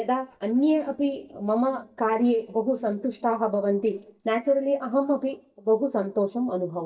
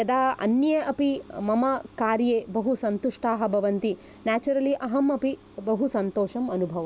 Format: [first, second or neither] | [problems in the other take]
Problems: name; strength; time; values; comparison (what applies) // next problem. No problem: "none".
second | noise reduction (neural mask model DeepFilterNet 3)